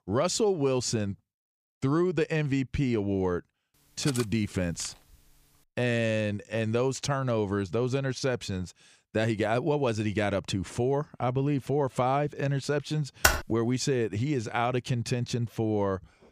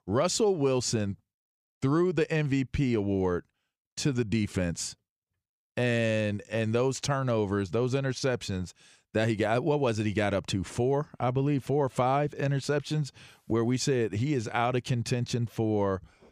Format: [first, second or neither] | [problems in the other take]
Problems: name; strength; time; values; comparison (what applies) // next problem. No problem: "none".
second | clattering dishes; noticeable; at 4 s; peak 8 dB below the speech // keyboard typing; loud; at 13 s; peak 4 dB above the speech